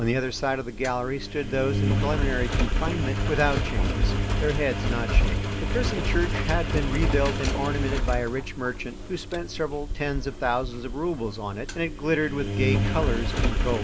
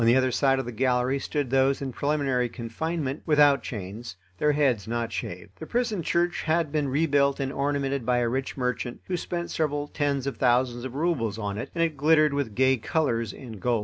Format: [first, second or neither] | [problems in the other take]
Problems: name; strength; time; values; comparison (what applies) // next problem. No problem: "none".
second | background sound (Engine); 2 dB above the speech